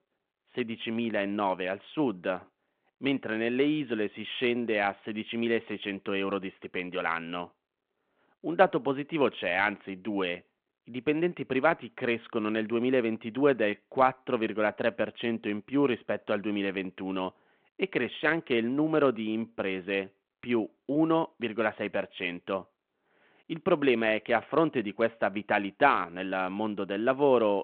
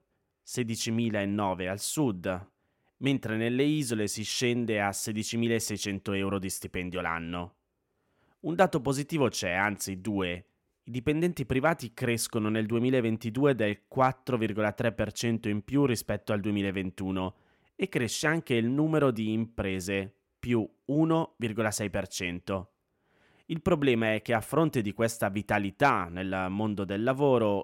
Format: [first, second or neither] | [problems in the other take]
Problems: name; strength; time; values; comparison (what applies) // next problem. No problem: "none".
second | phone-call audio